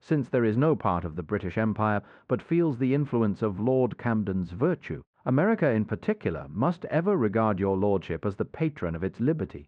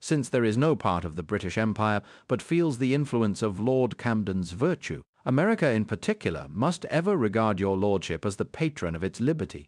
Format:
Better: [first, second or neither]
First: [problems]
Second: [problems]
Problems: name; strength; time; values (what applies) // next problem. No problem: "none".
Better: second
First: muffled; very; fading above 2 kHz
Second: none